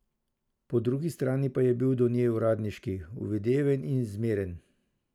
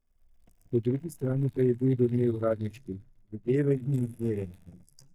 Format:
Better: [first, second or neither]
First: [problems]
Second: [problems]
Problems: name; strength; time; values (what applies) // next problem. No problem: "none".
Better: first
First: none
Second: noise reduction (neural mask model DeepFilterNet 3)